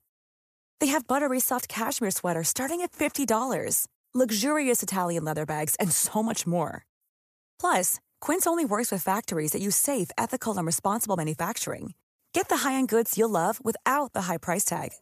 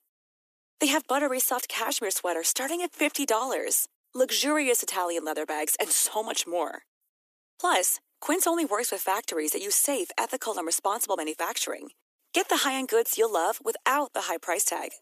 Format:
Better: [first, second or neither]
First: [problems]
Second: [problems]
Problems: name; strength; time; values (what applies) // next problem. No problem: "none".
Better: first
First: none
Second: thin; very slightly; fading below 300 Hz